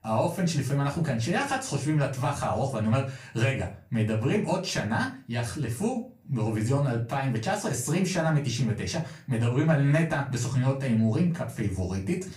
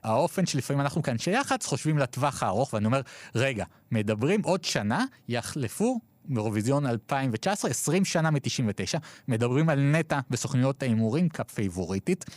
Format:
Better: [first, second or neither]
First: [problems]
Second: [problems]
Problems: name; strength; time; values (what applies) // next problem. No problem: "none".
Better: second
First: off-mic speech; far // room echo; very slight; dies away in 0.3 s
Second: none